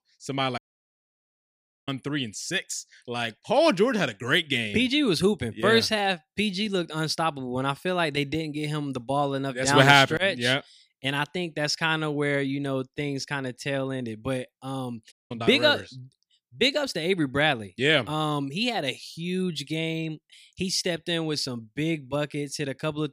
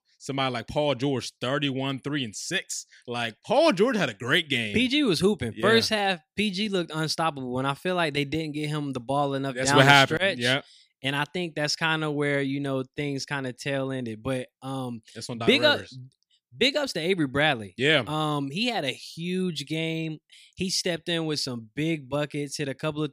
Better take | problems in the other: second | audio cutting out; at 0.5 s for 1.5 s and at 15 s

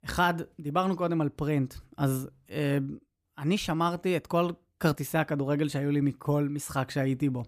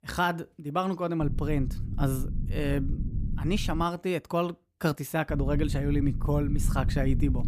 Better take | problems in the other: first | low rumble; noticeable; from 1 to 4 s and from 5.5 s on; 15 dB below the speech

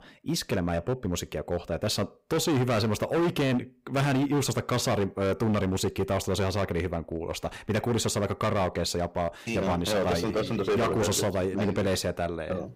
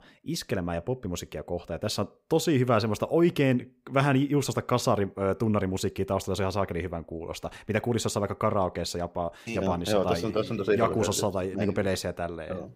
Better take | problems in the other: second | distortion; heavy; 15% of the sound clipped

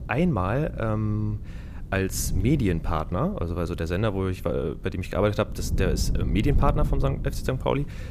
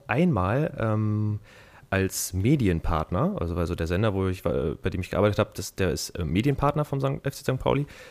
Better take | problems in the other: second | wind noise on the microphone; occasional gusts; 15 dB below the speech

